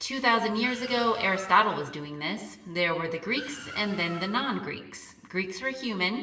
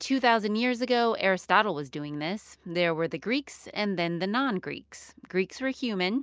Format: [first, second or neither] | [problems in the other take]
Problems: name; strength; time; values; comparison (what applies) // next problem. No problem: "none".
second | background sound (Car); 18 dB below the speech // room echo; dies away in 1.1 s